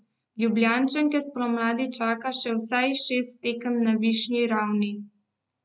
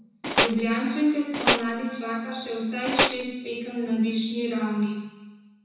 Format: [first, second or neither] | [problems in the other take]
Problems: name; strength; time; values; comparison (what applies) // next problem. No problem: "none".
first | background sound (Tools); 3 dB above the speech // room echo; dies away in 1.1 s